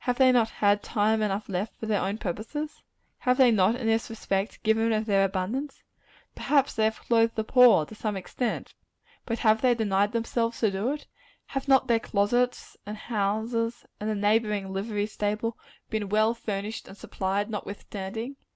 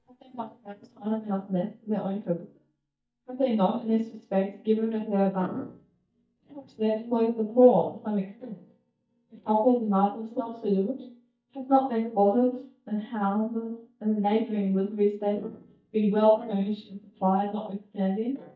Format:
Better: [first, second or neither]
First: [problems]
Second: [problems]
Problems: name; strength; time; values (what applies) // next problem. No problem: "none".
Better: first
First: none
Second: noise reduction (neural mask model DeepFilterNet 3)